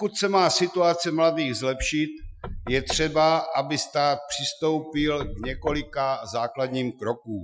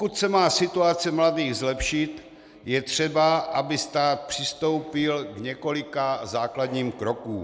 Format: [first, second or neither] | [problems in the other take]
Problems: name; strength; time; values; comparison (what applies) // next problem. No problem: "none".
second | noise reduction (classical method Wiener filter)